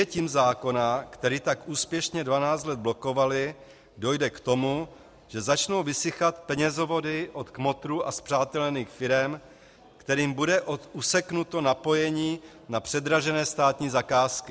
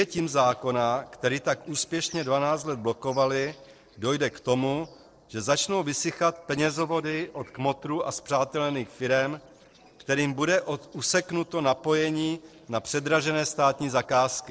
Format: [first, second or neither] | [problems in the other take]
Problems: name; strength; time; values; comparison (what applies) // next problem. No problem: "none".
first | noise reduction (neural separator model SepFormer DNS4)